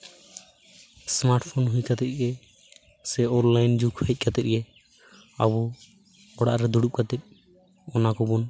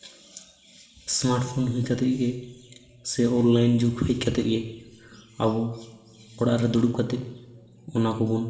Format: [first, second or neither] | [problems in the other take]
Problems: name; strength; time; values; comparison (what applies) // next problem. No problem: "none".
first | room echo; dies away in 1.7 s